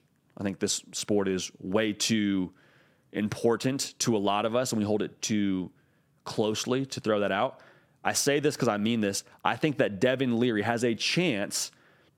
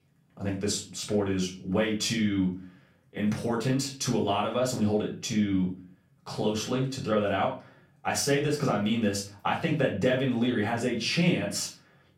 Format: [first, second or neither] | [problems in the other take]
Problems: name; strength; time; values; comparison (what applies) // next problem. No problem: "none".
first | off-mic speech; far // room echo; slight; dies away in 0.3 s